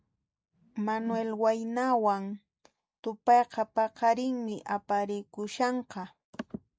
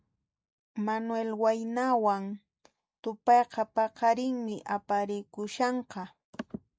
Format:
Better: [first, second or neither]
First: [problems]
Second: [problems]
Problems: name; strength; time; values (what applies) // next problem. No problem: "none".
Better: second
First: background sound (Whoosh, swoosh, swish); 17 dB below the speech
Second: none